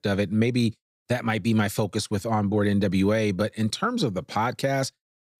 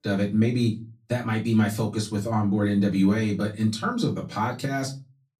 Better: first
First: none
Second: off-mic speech; far // room echo; very slight; dies away in 0.2 s

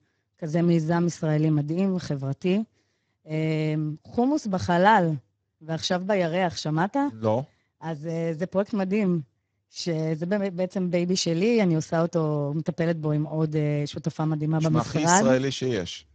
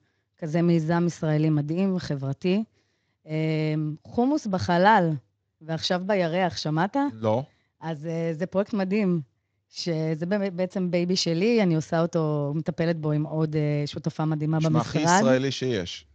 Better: second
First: garbled, watery; badly; nothing above 7.5 kHz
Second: garbled, watery; slightly; nothing above 7.5 kHz

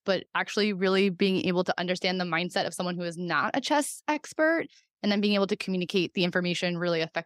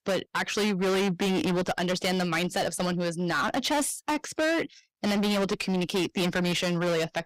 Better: first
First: none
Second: distortion; heavy; 26% of the sound clipped

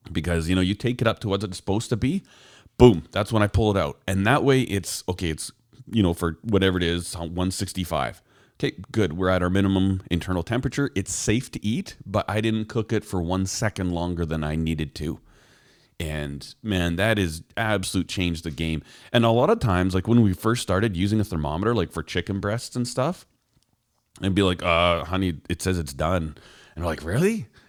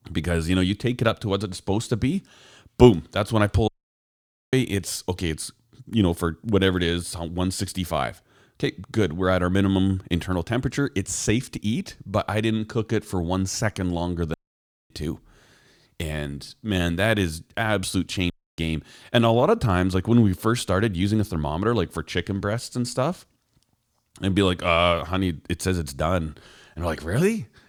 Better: first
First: none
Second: audio cutting out; at 3.5 s for 1 s, at 14 s for 0.5 s and at 18 s

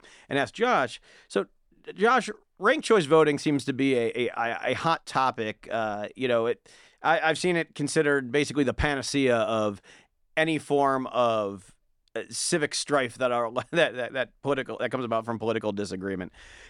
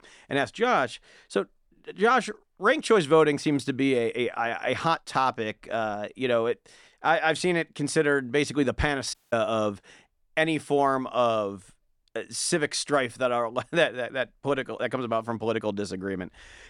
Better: first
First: none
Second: audio cutting out; at 9 s

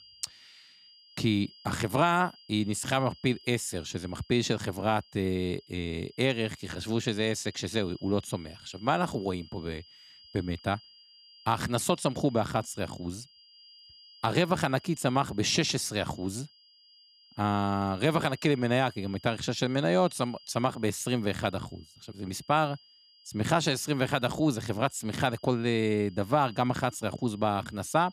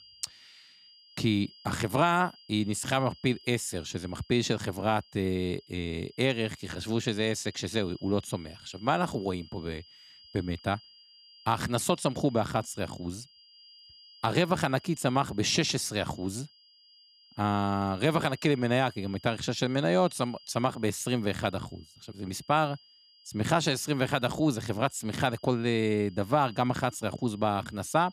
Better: neither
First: high-pitched whine; faint; throughout; 5 kHz, 25 dB below the speech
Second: high-pitched whine; faint; throughout; 5 kHz, 25 dB below the speech

